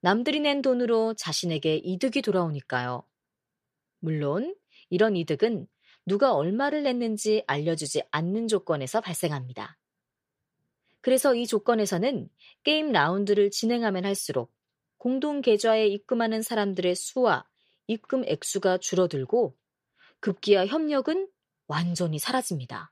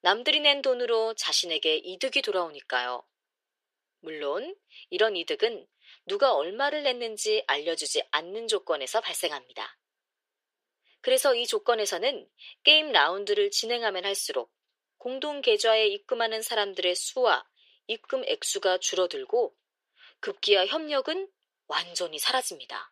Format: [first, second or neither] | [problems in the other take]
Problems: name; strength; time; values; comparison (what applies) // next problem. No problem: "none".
first | thin; very; fading below 400 Hz